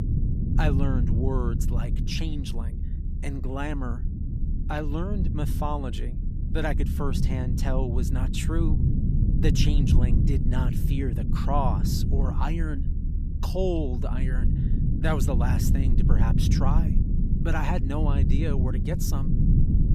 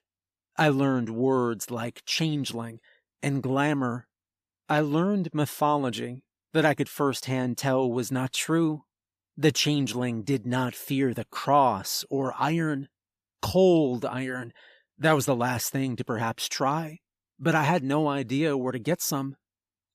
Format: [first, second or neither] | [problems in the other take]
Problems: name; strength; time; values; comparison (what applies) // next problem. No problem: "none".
second | low rumble; loud; throughout; 5 dB below the speech